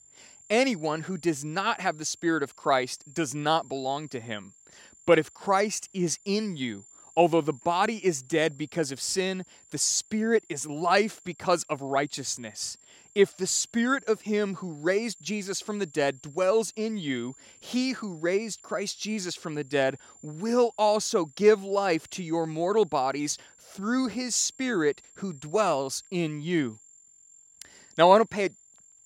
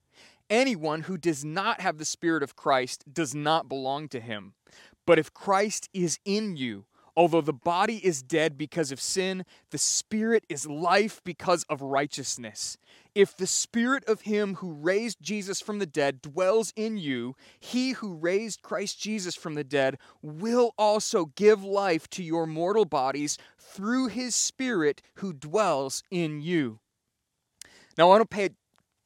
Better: second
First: high-pitched whine; faint; throughout; 7.5 kHz, 25 dB below the speech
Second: none

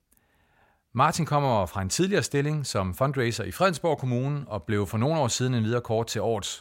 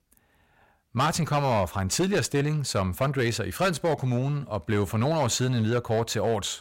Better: first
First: none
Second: distortion; slight; 11% of the sound clipped

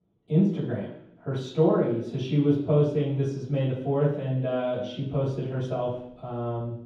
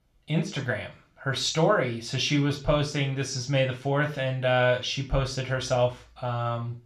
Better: second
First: room echo; strong; dies away in 0.9 s // off-mic speech; far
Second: room echo; slight; dies away in 0.3 s // off-mic speech; somewhat distant

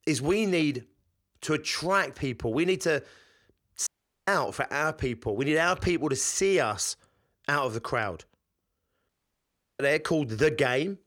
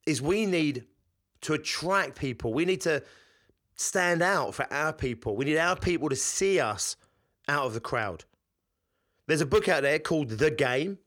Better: second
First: audio cutting out; at 4 s and at 9 s for 0.5 s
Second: none

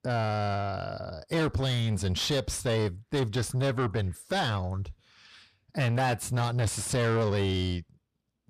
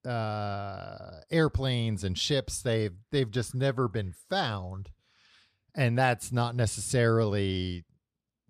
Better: second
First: distortion; heavy; 7 dB below the speech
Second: none

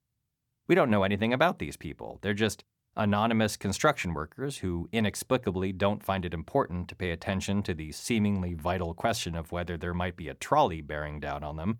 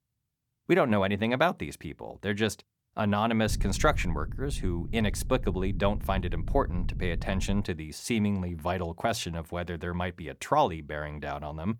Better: first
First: none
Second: low rumble; faint; from 3.5 to 7.5 s; 20 dB below the speech

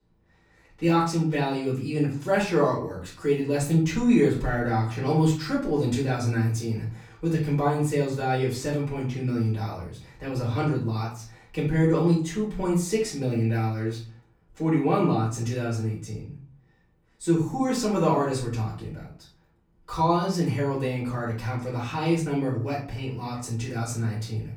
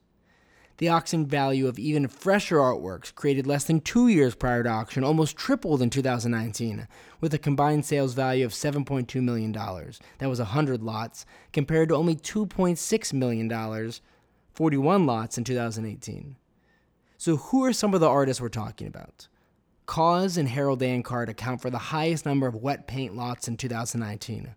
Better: second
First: room echo; slight; dies away in 0.4 s // off-mic speech; far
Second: none

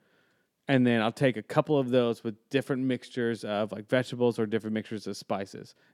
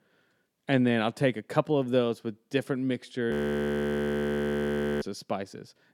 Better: first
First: none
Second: audio freezing; at 3.5 s for 1.5 s

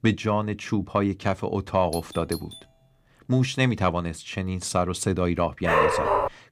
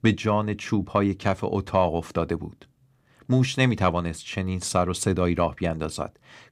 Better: second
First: doorbell; faint; at 2 s; peak 10 dB below the speech // dog barking; loud; at 5.5 s; peak 5 dB above the speech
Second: none

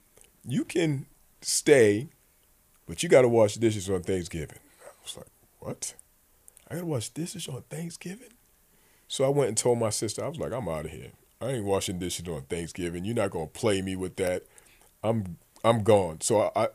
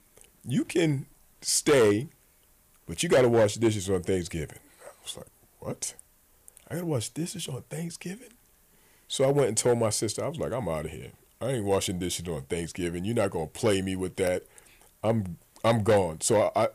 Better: first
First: none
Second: distortion; slight; 2% of the sound clipped

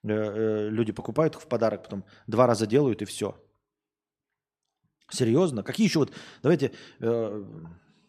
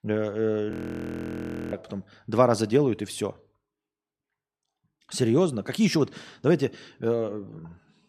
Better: first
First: none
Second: audio freezing; at 0.5 s for 1 s

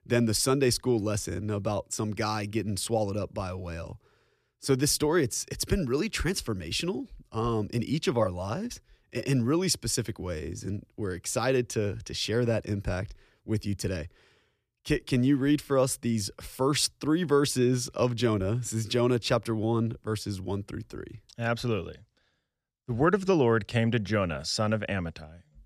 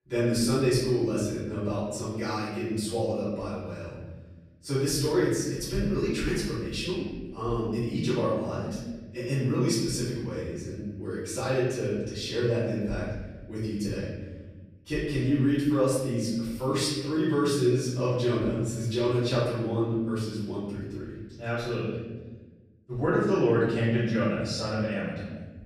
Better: first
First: none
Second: off-mic speech; far // room echo; noticeable; dies away in 1.3 s

